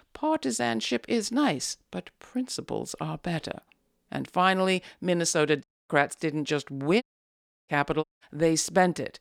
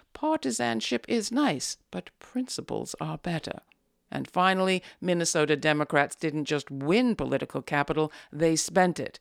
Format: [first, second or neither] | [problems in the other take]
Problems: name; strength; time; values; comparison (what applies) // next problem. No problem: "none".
second | audio cutting out; at 5.5 s, at 7 s for 0.5 s and at 8 s